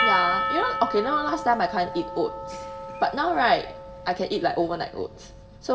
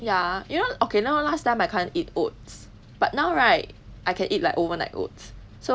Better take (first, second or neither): second